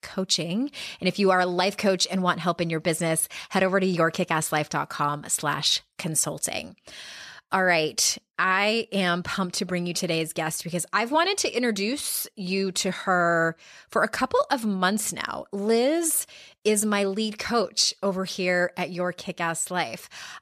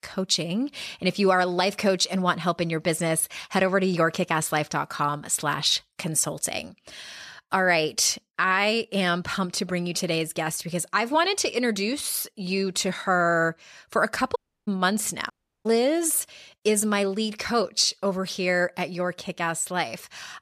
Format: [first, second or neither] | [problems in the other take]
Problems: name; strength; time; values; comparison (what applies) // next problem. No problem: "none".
first | audio cutting out; at 14 s and at 15 s